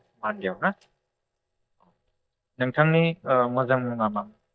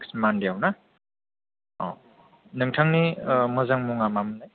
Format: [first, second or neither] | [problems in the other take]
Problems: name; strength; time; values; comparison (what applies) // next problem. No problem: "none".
second | noise reduction (neural mask model DeepFilterNet 3)